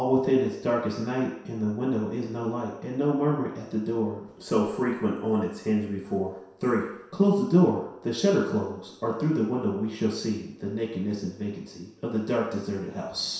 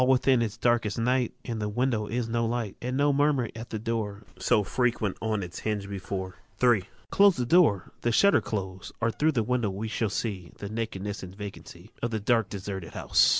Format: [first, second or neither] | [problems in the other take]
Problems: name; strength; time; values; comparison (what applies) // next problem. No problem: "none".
second | room echo; dies away in 0.7 s